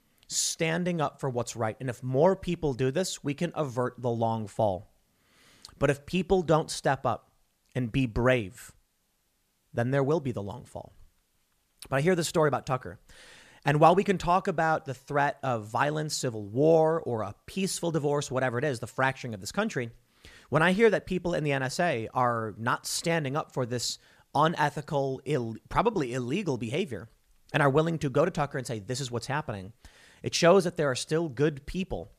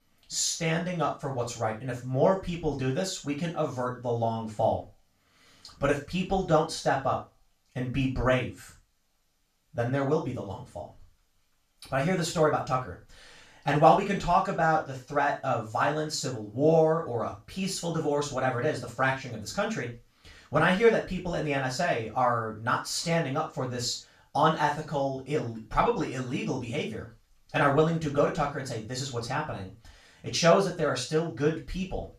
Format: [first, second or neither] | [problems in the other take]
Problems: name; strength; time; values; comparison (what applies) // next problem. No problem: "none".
first | room echo; slight; dies away in 0.3 s // off-mic speech; far